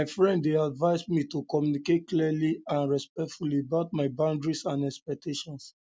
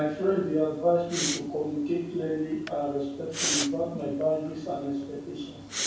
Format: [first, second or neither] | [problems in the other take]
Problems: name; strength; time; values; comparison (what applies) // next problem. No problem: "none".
first | background sound (Respiratory sounds); 8 dB below the speech // room echo; dies away in 0.7 s